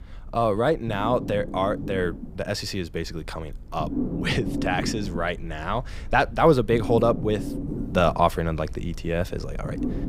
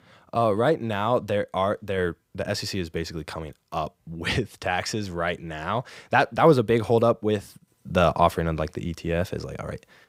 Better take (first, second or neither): second